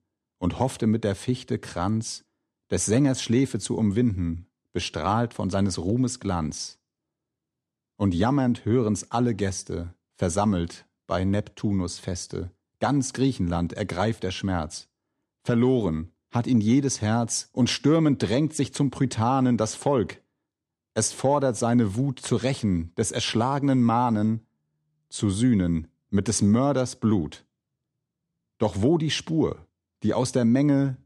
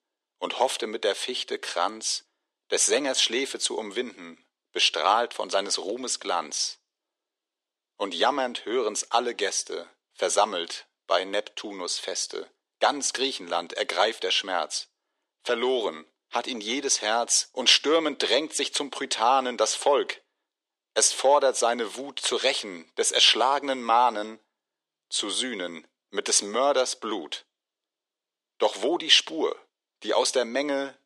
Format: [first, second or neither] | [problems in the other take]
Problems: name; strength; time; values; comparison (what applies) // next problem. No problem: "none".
first | thin; very; fading below 450 Hz